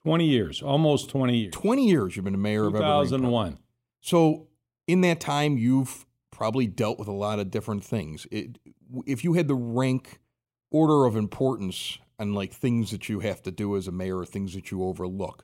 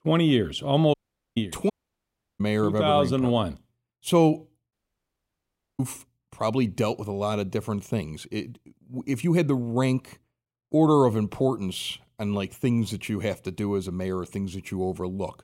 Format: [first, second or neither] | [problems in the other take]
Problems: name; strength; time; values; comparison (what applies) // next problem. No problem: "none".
first | audio cutting out; at 1 s, at 1.5 s for 0.5 s and at 4.5 s for 1 s